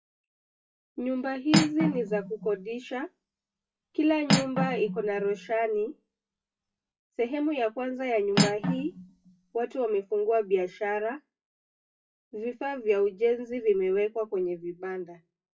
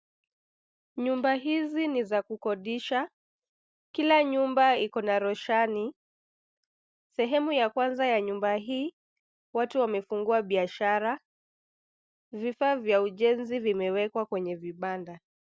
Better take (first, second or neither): second